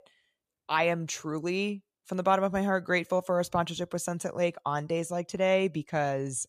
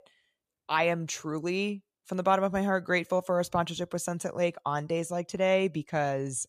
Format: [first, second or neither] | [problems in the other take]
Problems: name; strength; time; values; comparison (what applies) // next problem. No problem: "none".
neither | none